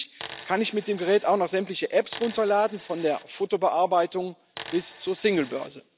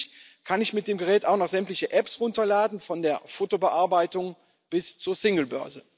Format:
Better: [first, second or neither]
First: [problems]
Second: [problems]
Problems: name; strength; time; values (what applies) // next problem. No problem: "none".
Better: second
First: background sound (Coin (dropping)); 17 dB below the speech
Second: none